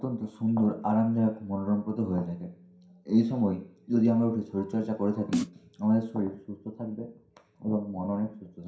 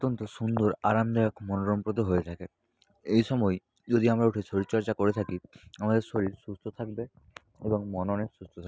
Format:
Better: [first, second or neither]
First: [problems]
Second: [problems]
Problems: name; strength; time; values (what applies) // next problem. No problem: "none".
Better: second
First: background sound (Snare drum); 4 dB below the speech // room echo; dies away in 0.5 s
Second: none